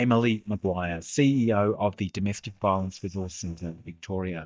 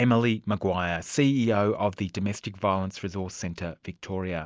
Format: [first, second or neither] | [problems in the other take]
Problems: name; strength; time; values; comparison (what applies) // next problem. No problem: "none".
second | noise reduction (neural mask model DeepFilterNet 3)